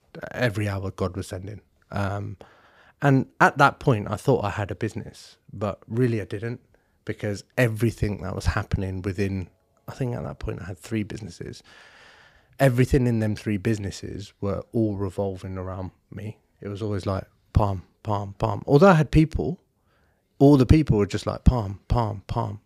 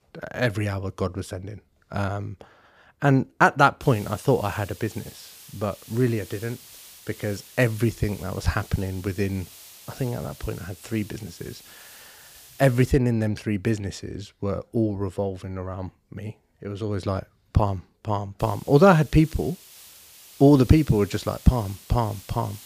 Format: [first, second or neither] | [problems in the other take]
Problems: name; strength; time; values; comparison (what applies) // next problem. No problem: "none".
first | hiss; faint; from 4 to 13 s and from 18 s on; 20 dB below the speech